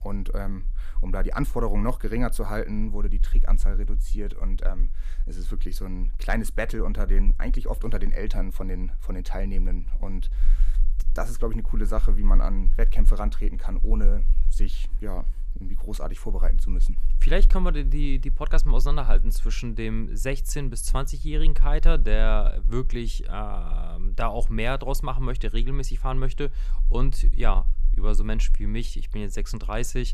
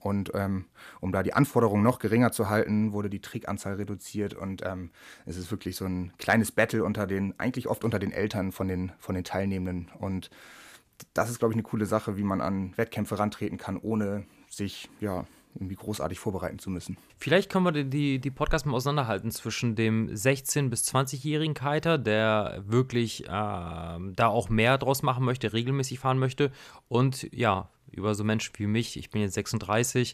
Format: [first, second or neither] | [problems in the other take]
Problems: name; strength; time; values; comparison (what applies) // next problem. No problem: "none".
second | low rumble; faint; throughout; 25 dB below the speech